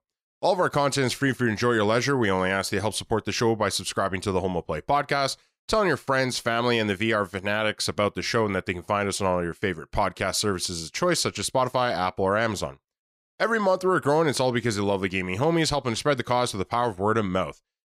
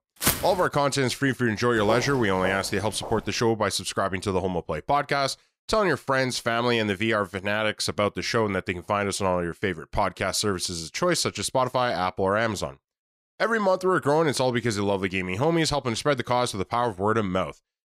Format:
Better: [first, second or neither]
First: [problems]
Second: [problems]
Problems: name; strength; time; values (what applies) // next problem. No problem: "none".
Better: first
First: none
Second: footsteps; loud; at the start; peak 1 dB above the speech // footsteps; noticeable; from 2 to 3 s; peak 6 dB below the speech